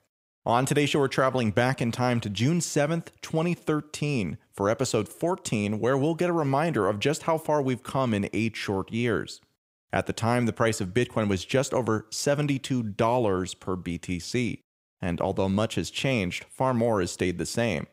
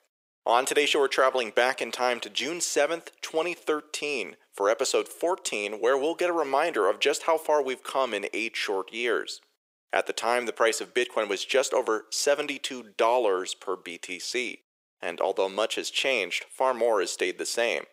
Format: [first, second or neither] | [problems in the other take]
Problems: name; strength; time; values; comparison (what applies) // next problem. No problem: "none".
first | thin; very; fading below 400 Hz